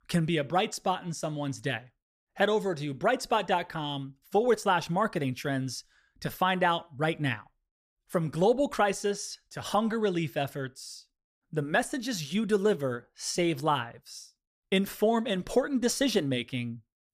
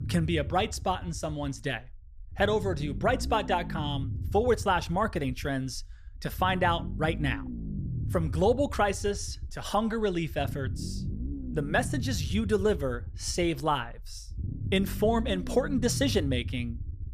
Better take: first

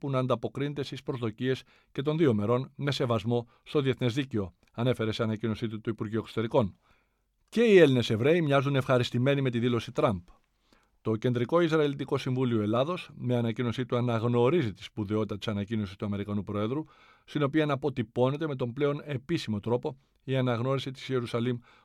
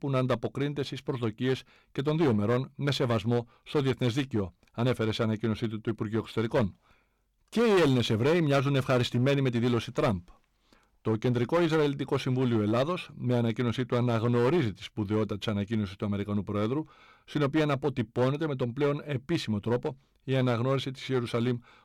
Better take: first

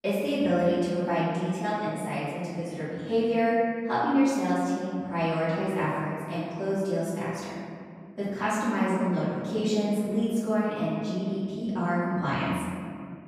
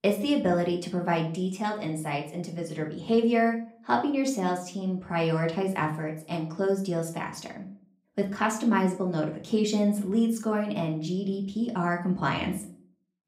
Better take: second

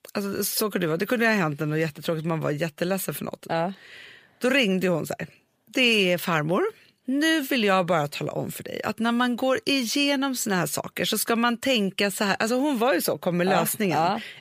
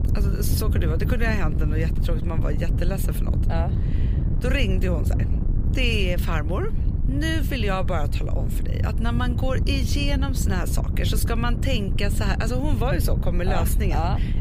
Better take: first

